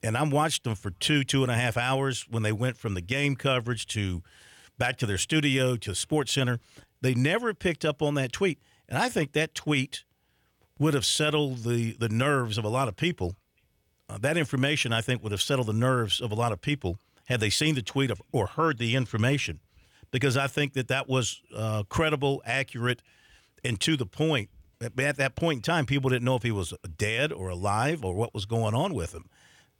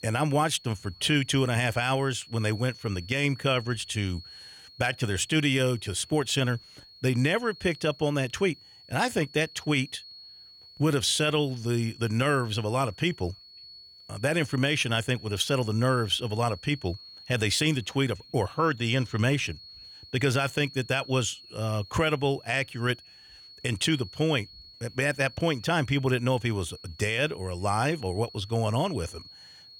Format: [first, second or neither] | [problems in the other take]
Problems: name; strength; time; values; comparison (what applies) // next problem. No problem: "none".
first | high-pitched whine; noticeable; throughout; 4.5 kHz, 20 dB below the speech